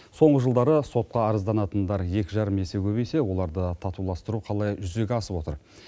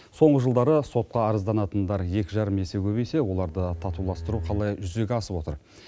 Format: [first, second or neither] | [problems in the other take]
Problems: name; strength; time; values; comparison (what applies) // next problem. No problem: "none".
first | background sound (Bowed string instrument); 11 dB below the speech